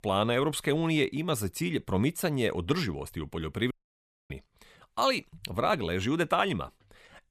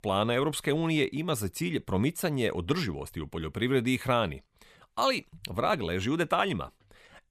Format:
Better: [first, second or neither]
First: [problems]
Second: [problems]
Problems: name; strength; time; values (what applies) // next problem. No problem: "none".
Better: second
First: audio cutting out; at 3.5 s for 0.5 s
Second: none